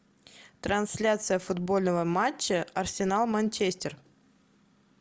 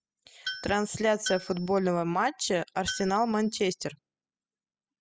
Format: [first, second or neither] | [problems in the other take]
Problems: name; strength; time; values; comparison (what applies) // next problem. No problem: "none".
first | noise reduction (classical method spectral subtraction)